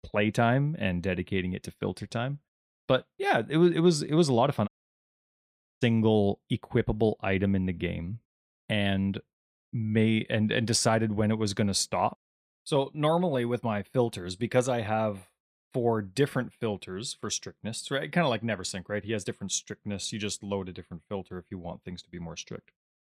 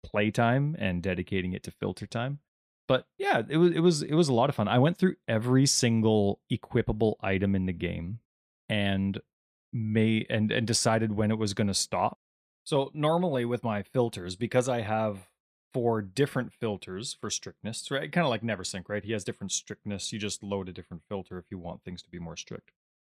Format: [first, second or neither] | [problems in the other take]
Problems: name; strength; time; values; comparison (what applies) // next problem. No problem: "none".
second | audio cutting out; at 4.5 s for 1 s